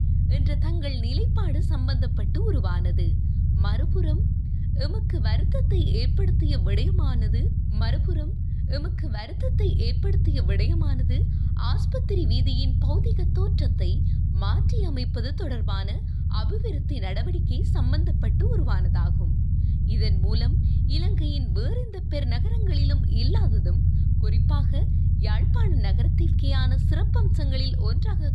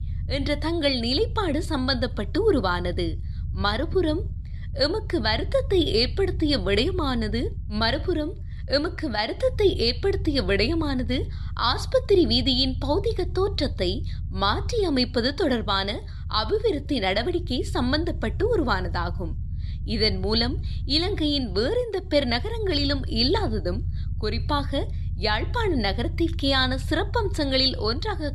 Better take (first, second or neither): second